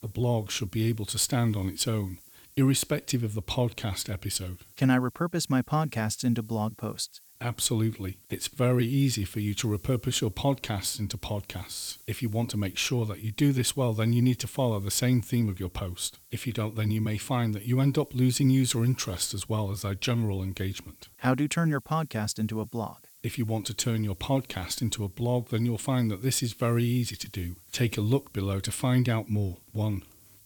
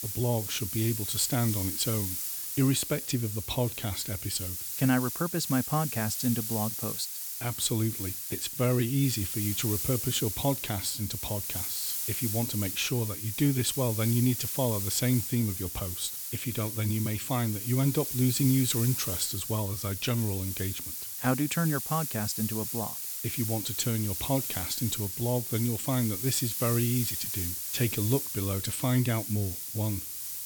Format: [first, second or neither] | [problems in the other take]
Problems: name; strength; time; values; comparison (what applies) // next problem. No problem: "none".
first | hiss; loud; throughout; 2 dB below the speech; faint in the first